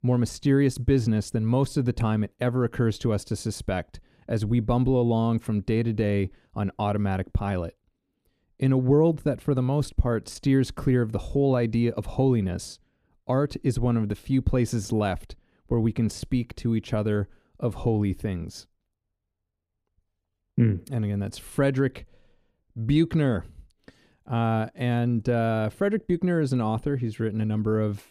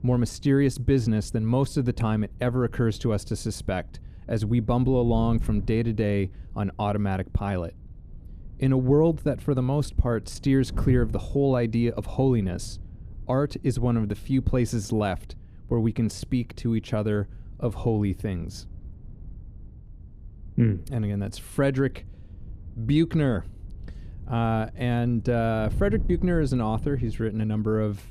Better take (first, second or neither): first